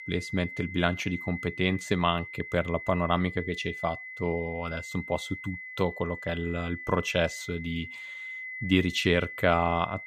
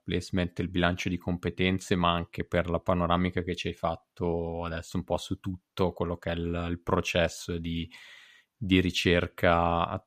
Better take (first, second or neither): second